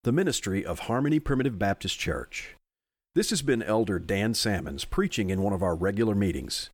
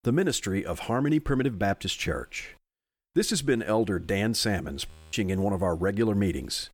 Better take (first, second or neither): first